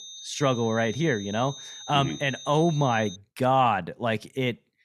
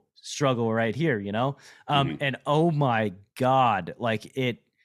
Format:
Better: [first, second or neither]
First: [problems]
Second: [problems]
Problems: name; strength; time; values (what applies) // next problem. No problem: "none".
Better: second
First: high-pitched whine; noticeable; until 3 s; 3.5 kHz, 15 dB below the speech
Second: none